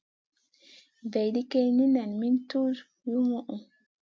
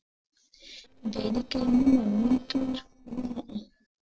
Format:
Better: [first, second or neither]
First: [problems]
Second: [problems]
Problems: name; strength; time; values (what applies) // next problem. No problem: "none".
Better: first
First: none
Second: noise reduction (neural separator model SepFormer DNS4)